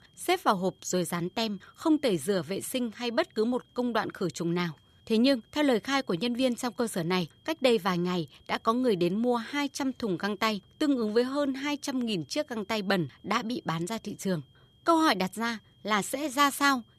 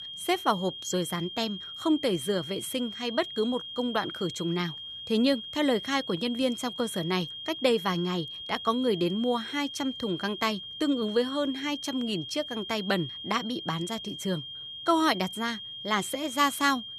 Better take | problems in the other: first | high-pitched whine; loud; throughout; 3 kHz, 8 dB below the speech; faint in the first

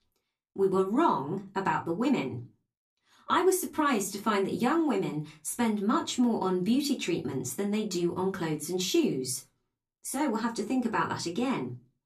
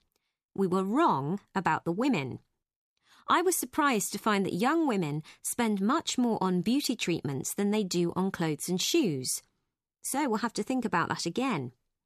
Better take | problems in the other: second | off-mic speech; far // room echo; very slight; dies away in 0.2 s

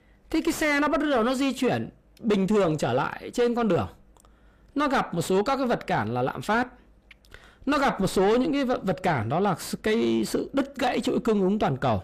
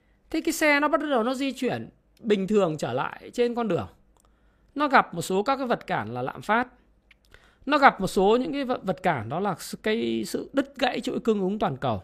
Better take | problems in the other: second | distortion; heavy; 6 dB below the speech

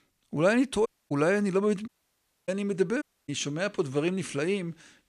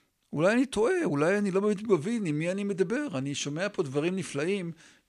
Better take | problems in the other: second | audio cutting out; at 1 s, at 2 s for 0.5 s and at 3 s

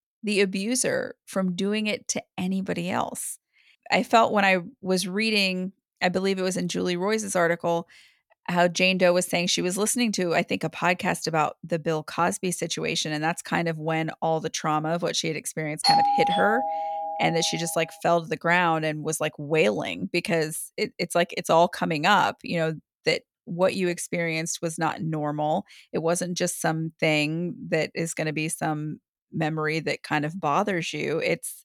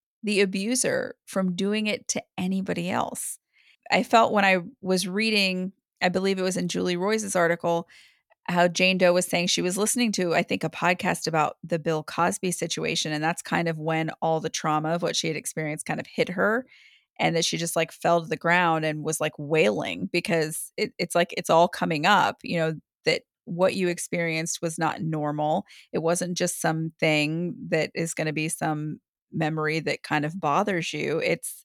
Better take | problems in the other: second | doorbell; loud; from 16 to 17 s; peak 5 dB above the speech

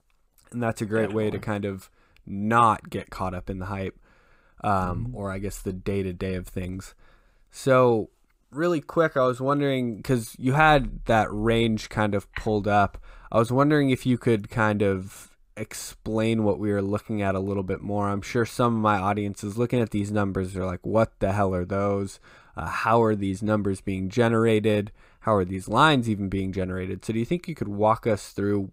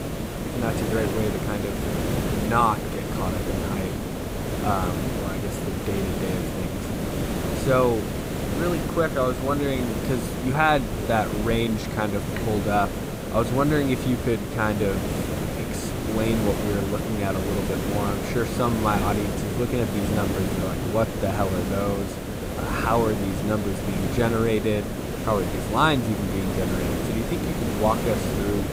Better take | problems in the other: first | hiss; loud; throughout; 2 dB below the speech

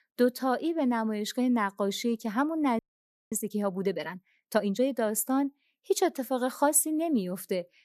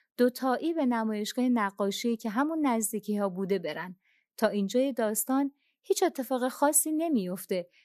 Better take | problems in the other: second | audio freezing; at 3 s for 0.5 s

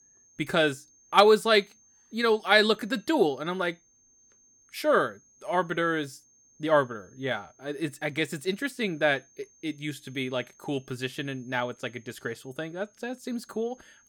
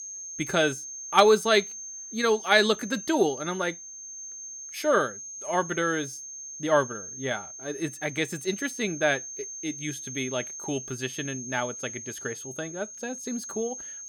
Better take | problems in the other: first | high-pitched whine; loud; throughout; 6.5 kHz, 10 dB below the speech; faint in the first

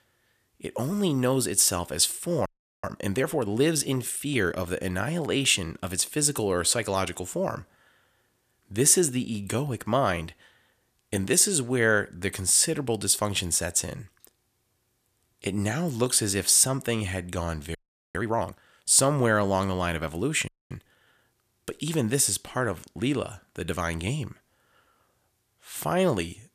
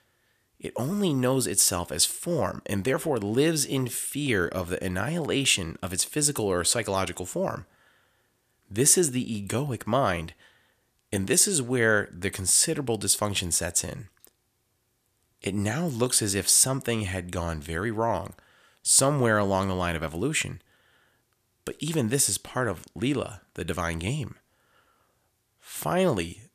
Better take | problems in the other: second | audio freezing; at 2.5 s, at 18 s and at 20 s

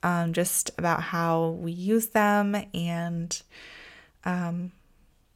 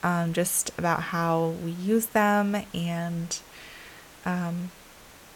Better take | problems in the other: first | hiss; faint; throughout; 20 dB below the speech

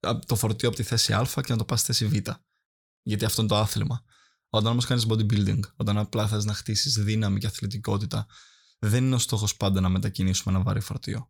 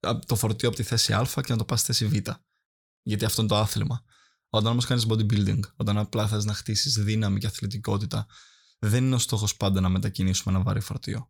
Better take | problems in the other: neither | none

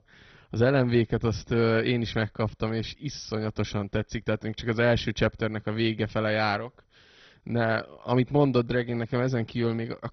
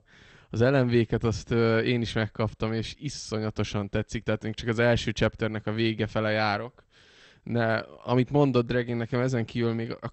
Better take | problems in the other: second | garbled, watery; badly; nothing above 6 kHz; slightly in the second

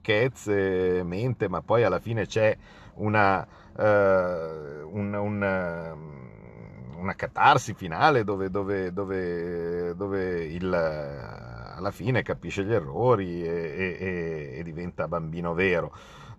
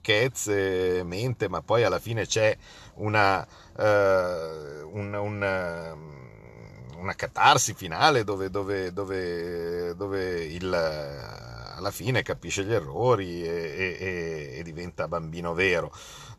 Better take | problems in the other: second | muffled; slightly; fading above 3.5 kHz

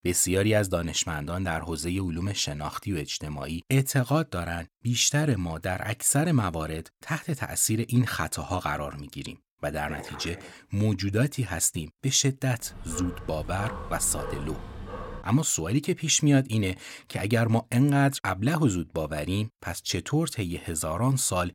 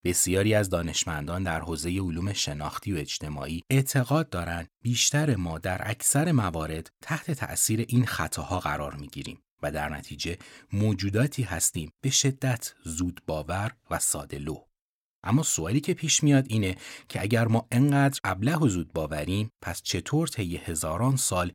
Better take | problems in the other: second | dog barking; faint; at 10 s and from 13 to 15 s; peak 10 dB below the speech

